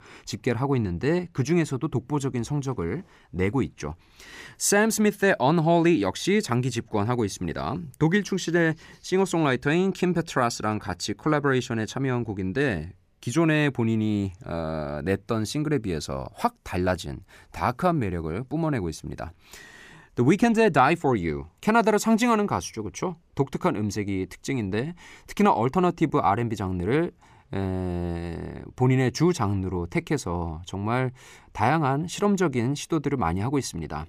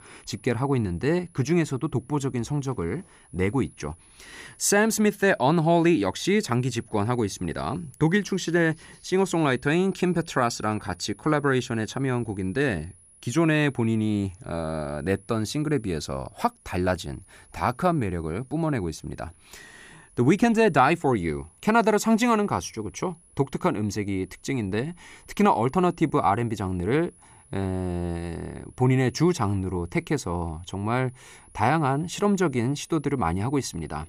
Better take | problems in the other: first | high-pitched whine; faint; throughout; 10.5 kHz, 30 dB below the speech

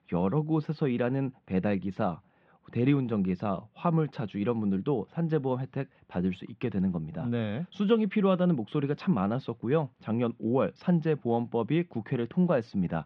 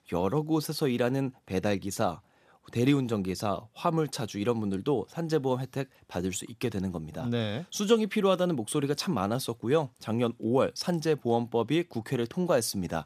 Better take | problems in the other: second | muffled; very; fading above 3 kHz

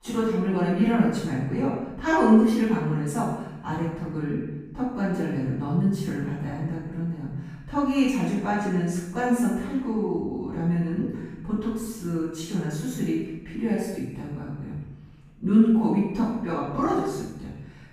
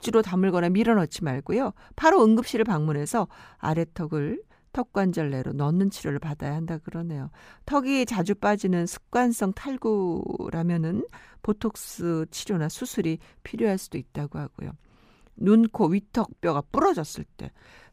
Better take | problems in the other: second | off-mic speech; far // room echo; strong; dies away in 1 s

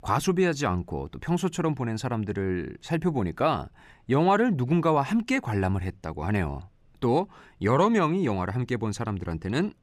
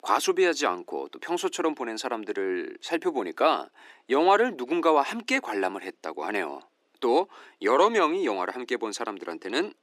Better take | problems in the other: first | thin; somewhat; fading below 300 Hz

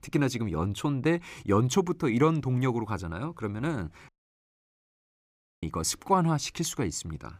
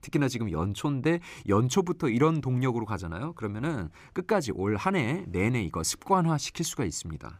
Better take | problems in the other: second | audio cutting out; at 4 s for 1.5 s

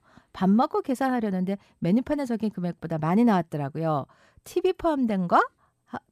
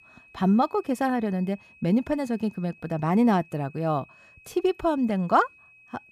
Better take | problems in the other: first | high-pitched whine; faint; throughout; 2.5 kHz, 25 dB below the speech

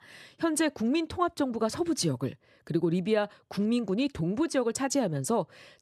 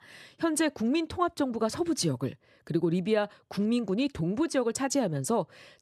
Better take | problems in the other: neither | none

